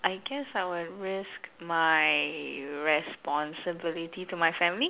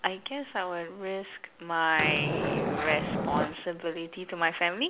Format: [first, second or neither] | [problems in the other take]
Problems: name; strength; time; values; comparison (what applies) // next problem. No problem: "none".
first | background sound (Skateboard); 1 dB above the speech